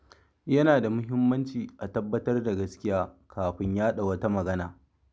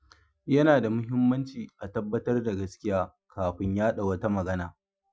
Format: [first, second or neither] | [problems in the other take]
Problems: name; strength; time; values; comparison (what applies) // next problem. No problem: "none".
first | noise reduction (classical method Wiener filter)